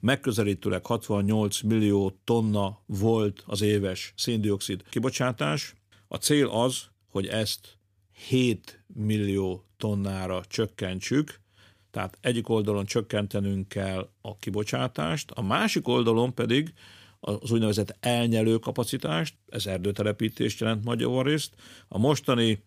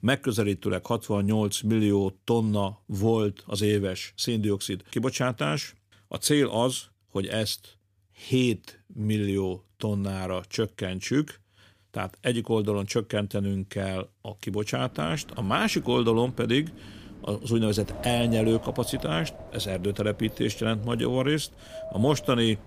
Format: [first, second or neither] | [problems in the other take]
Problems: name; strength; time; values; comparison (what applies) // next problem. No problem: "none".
first | wind in the background; noticeable; from 15 s on; 15 dB below the speech